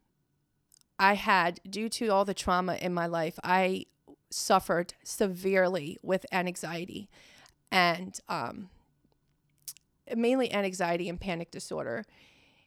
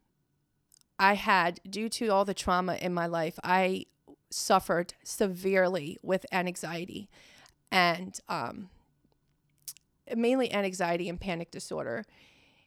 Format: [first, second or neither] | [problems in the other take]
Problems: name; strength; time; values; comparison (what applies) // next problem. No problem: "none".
neither | none